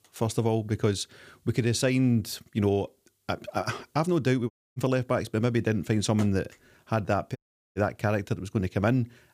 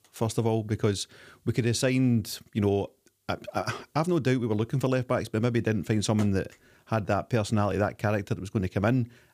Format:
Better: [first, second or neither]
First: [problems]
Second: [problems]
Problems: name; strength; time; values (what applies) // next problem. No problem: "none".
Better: second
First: audio cutting out; at 4.5 s and at 7.5 s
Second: none